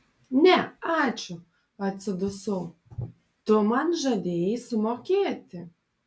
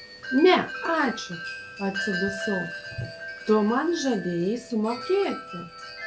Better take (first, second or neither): first